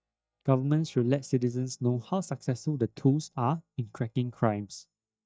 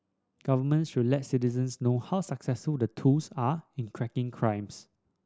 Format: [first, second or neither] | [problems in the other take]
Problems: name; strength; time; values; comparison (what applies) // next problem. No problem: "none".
second | noise reduction (neural mask model DeepFilterNet 3)